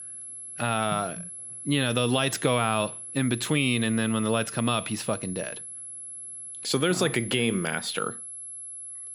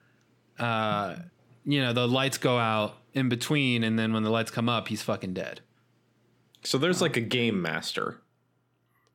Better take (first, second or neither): second